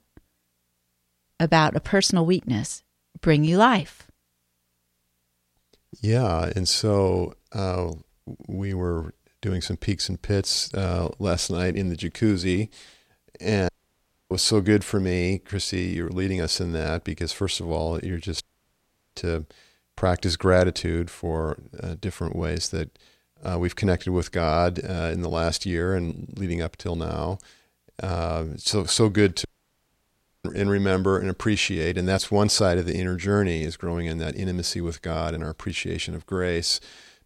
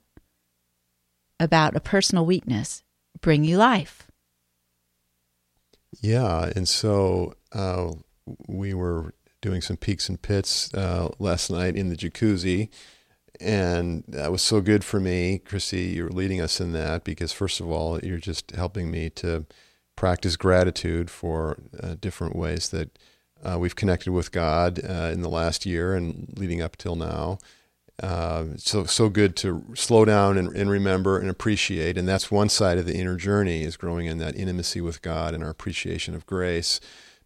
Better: second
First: audio cutting out; at 14 s for 0.5 s, at 18 s for 1 s and at 29 s for 1 s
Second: none

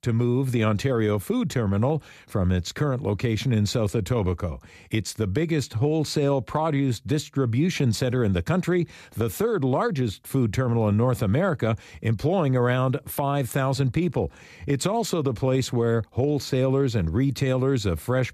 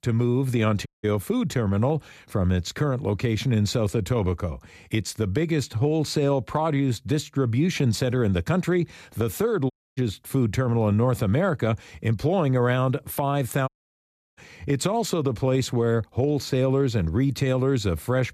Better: first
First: none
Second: audio cutting out; at 1 s, at 9.5 s and at 14 s for 0.5 s

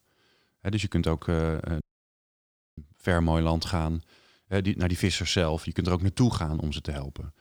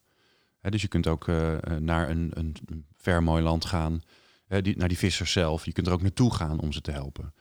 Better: second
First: audio cutting out; at 2 s for 1 s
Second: none

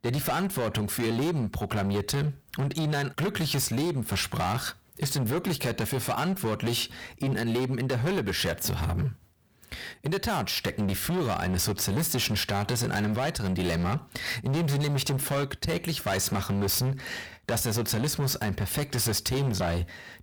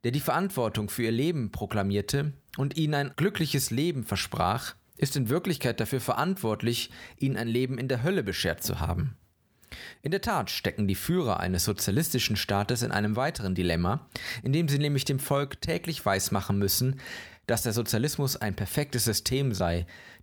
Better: second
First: distortion; heavy; 23% of the sound clipped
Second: none

